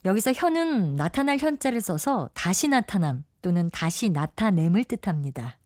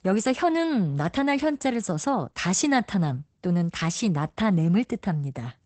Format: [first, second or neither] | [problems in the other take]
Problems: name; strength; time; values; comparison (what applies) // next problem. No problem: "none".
first | garbled, watery; badly; nothing above 8 kHz; slightly in the first